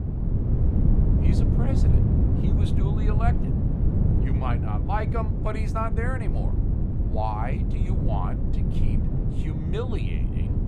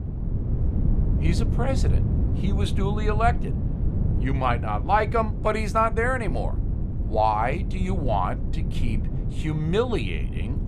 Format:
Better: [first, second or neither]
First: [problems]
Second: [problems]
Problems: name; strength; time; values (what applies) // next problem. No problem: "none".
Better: second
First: wind noise on the microphone; heavy; 3 dB below the speech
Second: wind noise on the microphone; occasional gusts; 15 dB below the speech